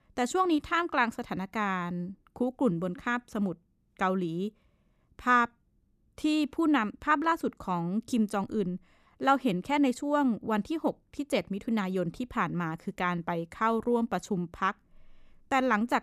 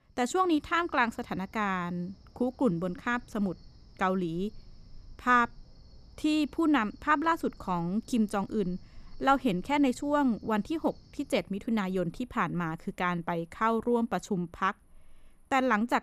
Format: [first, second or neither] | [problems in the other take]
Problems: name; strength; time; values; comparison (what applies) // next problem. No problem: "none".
first | animal sounds; faint; throughout; 30 dB below the speech